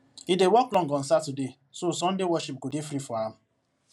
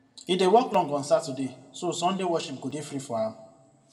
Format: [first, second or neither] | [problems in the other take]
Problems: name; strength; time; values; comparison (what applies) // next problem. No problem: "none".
first | room echo; dies away in 1.1 s